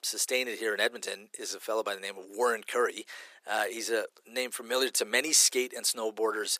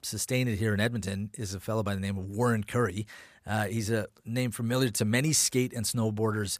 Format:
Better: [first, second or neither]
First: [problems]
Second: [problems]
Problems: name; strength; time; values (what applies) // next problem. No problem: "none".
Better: second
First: thin; very; fading below 350 Hz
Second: none